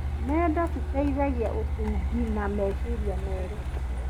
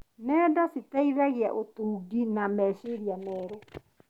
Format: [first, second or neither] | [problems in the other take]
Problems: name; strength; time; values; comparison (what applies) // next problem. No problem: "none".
second | background sound (Truck); 1 dB above the speech